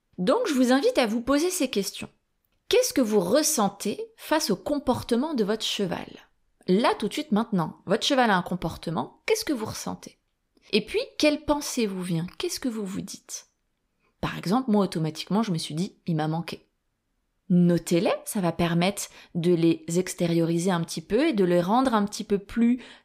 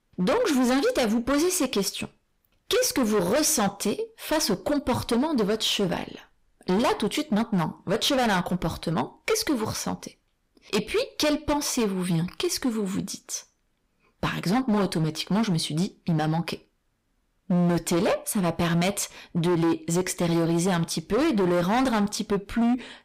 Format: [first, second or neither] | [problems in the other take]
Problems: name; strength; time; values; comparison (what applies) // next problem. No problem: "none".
first | distortion; heavy; 15% of the sound clipped